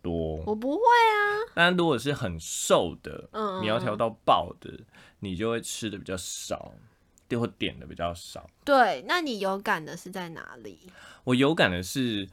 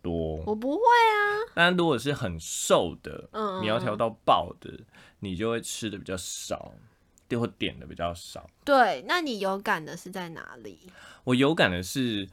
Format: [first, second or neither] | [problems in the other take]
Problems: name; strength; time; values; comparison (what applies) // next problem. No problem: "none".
neither | none